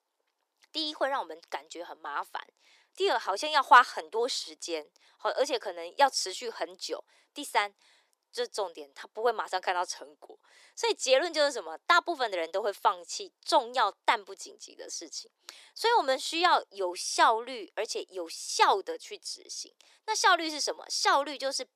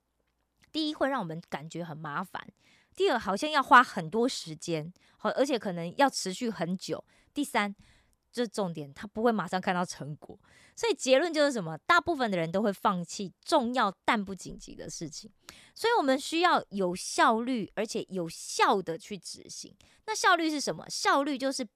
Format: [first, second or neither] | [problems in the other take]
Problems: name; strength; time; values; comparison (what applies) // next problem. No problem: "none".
second | thin; very; fading below 350 Hz